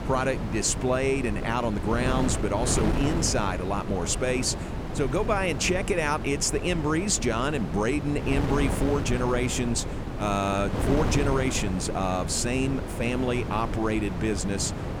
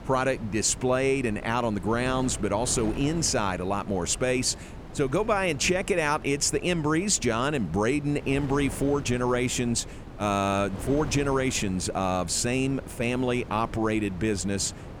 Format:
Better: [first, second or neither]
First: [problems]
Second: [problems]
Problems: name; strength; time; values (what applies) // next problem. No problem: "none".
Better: second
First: wind noise on the microphone; heavy; 7 dB below the speech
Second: wind noise on the microphone; occasional gusts; 15 dB below the speech